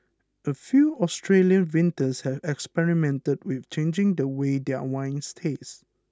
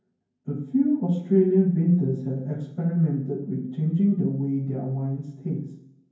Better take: first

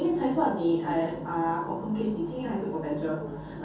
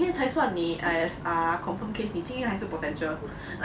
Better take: second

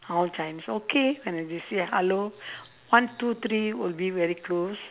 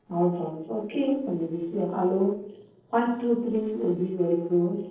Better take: first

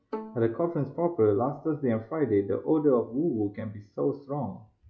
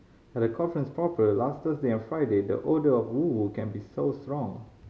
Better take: second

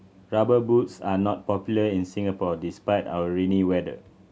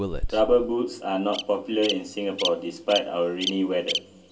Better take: first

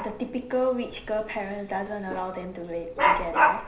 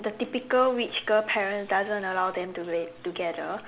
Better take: second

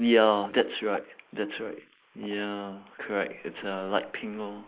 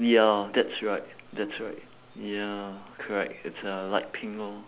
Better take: second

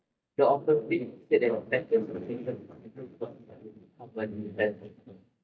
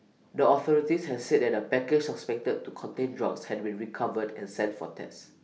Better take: second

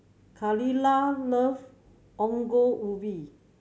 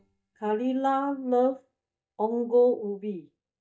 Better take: first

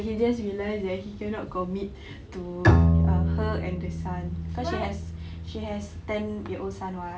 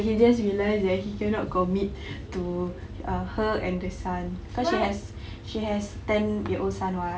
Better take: second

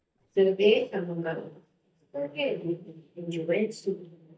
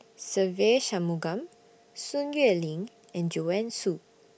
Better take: second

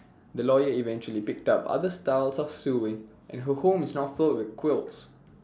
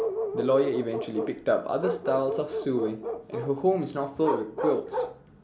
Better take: first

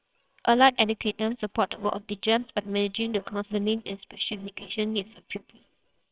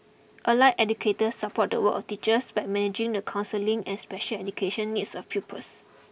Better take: second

